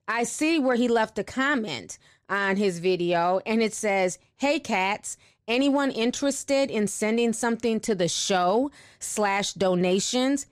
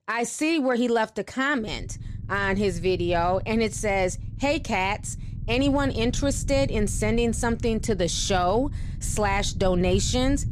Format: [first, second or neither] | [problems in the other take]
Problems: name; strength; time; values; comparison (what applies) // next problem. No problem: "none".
first | low rumble; faint; from 1.5 s on; 20 dB below the speech